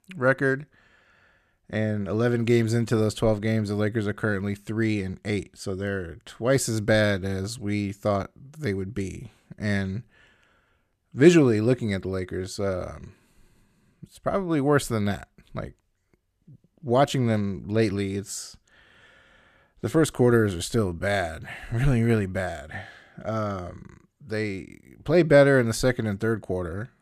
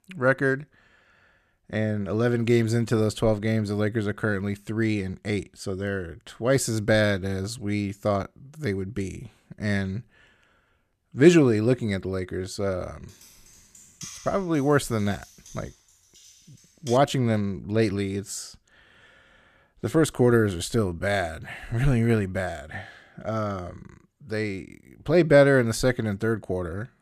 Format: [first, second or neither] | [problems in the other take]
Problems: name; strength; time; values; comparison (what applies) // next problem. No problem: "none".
first | keyboard typing; faint; from 13 to 17 s; peak 15 dB below the speech